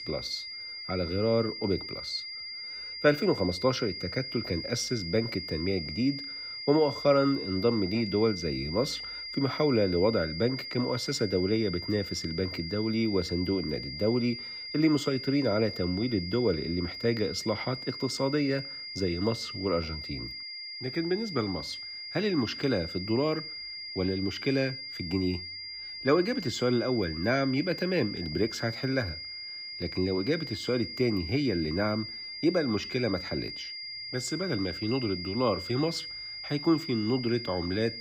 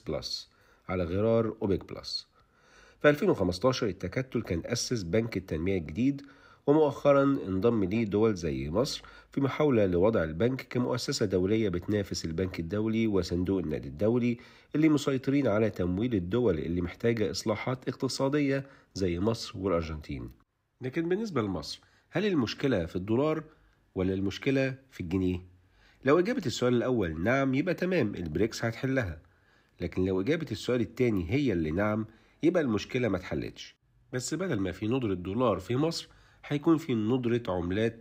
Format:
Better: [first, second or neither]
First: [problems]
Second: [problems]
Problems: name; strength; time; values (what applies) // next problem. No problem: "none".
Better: second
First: high-pitched whine; loud; throughout; 5 kHz, 7 dB below the speech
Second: none